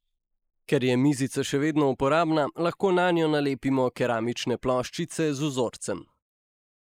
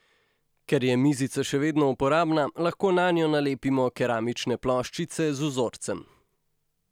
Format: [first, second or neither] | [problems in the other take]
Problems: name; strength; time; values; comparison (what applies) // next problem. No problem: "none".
second | noise reduction (neural mask model Resemble Enhance denoiser)